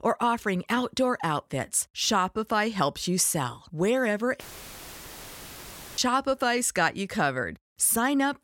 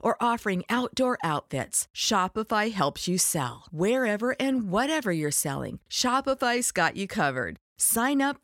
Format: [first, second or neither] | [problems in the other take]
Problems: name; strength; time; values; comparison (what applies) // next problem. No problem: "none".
second | audio cutting out; filled with static; at 4.5 s for 1.5 s